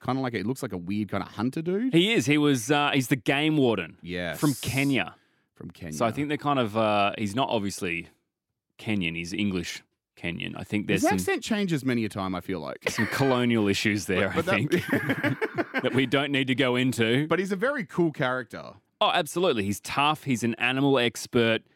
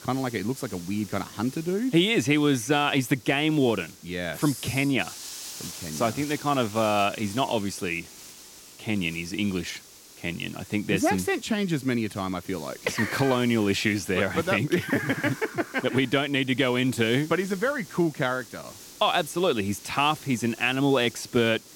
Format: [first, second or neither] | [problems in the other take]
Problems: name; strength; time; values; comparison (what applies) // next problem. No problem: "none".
first | hiss; noticeable; throughout; 15 dB below the speech